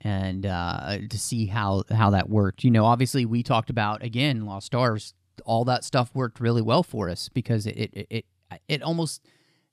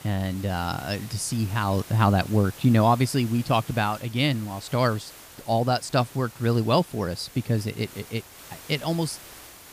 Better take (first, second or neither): first